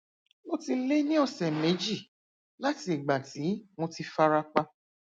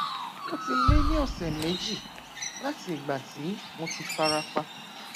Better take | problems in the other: first | background sound (Chirp, tweet + Bass drum); 2 dB above the speech

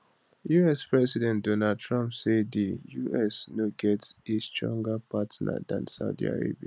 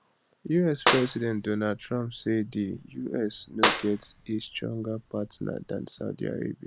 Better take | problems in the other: first | background sound (Clapping); 3 dB below the speech

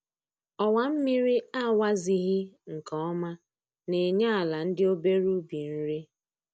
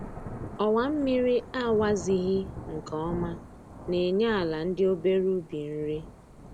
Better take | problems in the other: first | background sound (Thunder / Rain); 13 dB below the speech

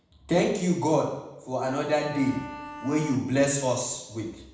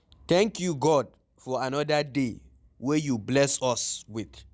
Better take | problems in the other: second | background sound (Bowed string instrument); 14 dB below the speech // room echo; dies away in 0.8 s

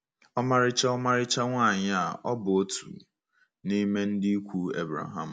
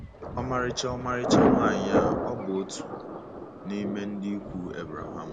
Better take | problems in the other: first | background sound (Thunder); 4 dB above the speech

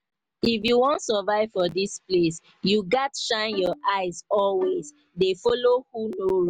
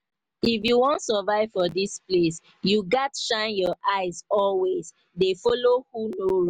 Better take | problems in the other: second | background sound (Bowed string instrument); 19 dB below the speech

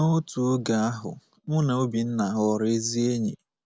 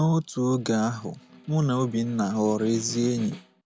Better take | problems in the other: first | background sound (Snare drum); 20 dB below the speech

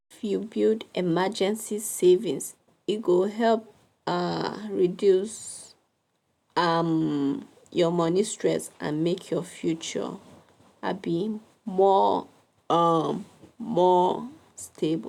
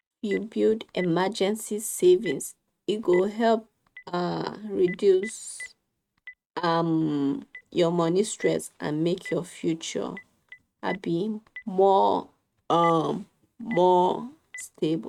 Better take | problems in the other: first | noise reduction (neural mask model RNNoise)

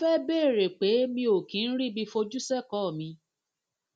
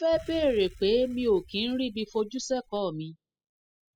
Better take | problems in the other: first | noise reduction (classical method spectral subtraction)

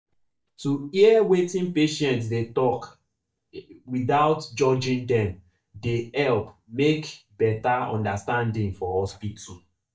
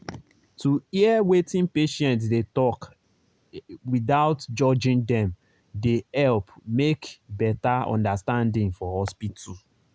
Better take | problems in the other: second | noise reduction (neural mask model DeepFilterNet 3)

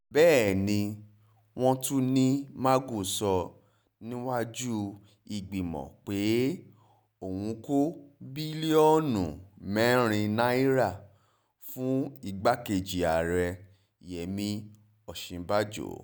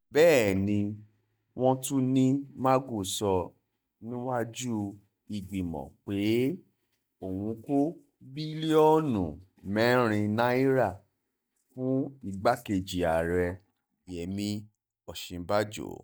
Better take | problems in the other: first | noise reduction (neural mask model DeepFilterNet 3)

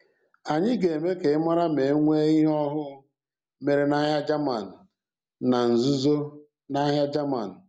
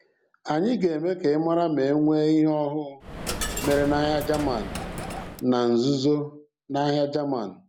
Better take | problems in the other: first | background sound (Coin (dropping)); 8 dB below the speech

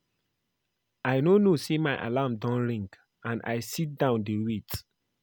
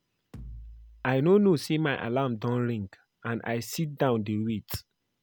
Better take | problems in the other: first | background sound (Bass drum); 18 dB below the speech

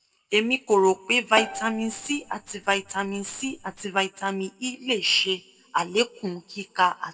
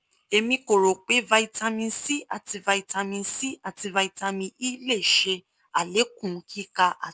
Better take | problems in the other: second | background sound (Bowed string instrument); 11 dB below the speech // room echo; dies away in 1 s

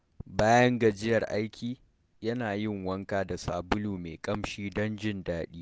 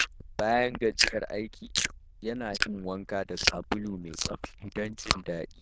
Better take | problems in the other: first | noise reduction (neural diffusion model UNIVERSE++)

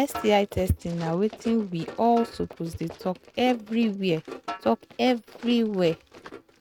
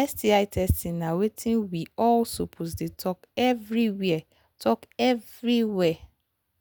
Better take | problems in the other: second | noise reduction (neural mask model RNNoise)

